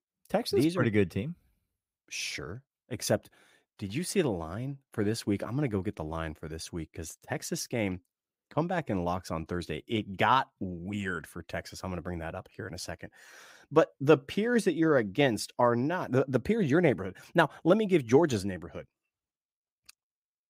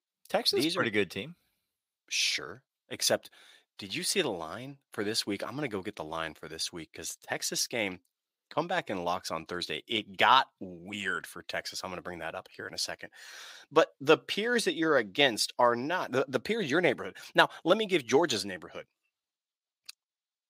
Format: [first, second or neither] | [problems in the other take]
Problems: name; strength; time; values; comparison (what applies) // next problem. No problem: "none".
first | thin; somewhat; fading below 700 Hz